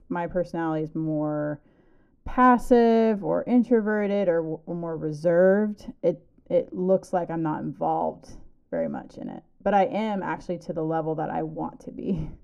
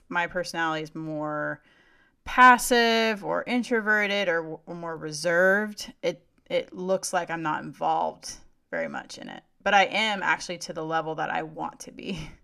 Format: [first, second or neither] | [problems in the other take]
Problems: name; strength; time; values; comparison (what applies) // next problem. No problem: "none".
second | muffled; very; fading above 1 kHz